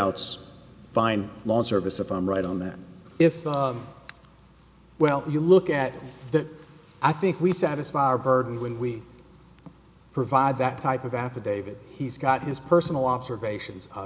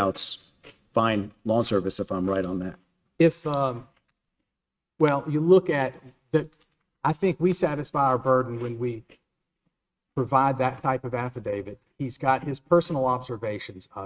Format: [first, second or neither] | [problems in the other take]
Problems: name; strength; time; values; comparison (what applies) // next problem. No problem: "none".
first | noise reduction (neural mask model RNNoise)